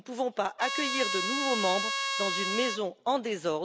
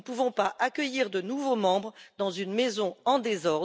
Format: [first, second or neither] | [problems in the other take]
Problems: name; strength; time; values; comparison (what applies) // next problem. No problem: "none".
second | background sound (Trumpet); 1 dB below the speech